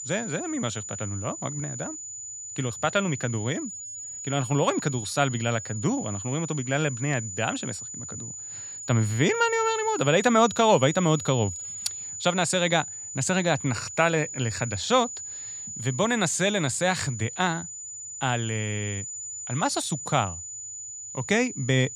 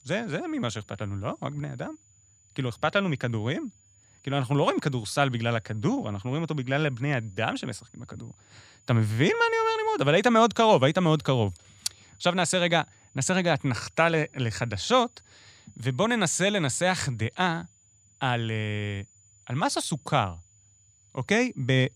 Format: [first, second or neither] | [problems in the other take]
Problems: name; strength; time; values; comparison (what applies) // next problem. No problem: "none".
second | high-pitched whine; loud; throughout; 7 kHz, 8 dB below the speech; faint in the second